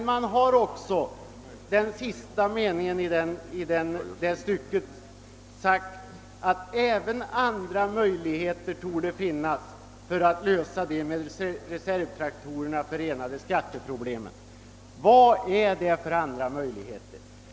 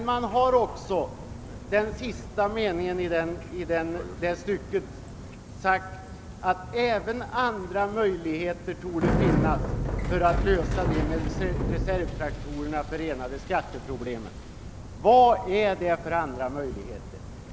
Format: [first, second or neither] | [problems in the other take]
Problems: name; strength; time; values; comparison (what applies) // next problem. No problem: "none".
first | background sound (Bicycle); 5 dB below the speech